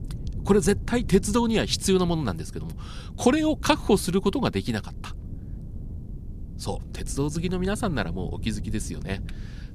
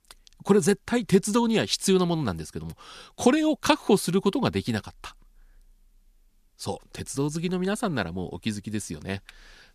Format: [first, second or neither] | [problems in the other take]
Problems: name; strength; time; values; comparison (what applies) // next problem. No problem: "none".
second | wind noise on the microphone; occasional gusts; 20 dB below the speech